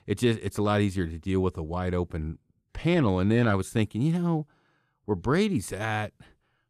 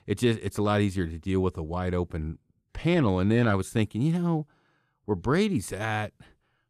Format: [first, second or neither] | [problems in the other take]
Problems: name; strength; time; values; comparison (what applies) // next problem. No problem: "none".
neither | none